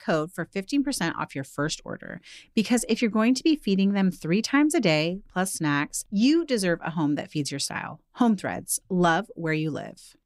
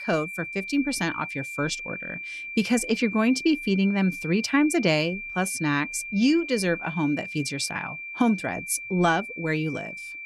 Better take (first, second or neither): first